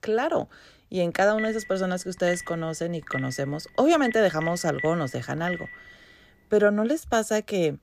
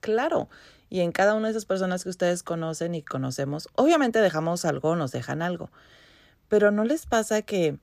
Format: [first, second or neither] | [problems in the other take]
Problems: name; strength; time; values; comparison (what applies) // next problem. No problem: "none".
second | phone ringing; noticeable; from 1 to 6 s; peak 9 dB below the speech